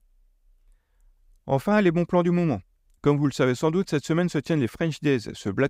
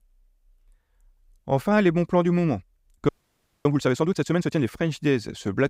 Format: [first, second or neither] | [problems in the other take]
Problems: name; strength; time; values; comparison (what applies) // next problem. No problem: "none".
first | audio freezing; at 3 s for 0.5 s